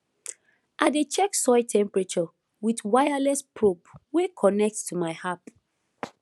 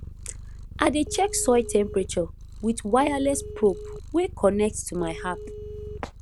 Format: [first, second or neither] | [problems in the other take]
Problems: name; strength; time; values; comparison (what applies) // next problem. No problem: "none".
first | background sound (Purr + Telephone); 12 dB below the speech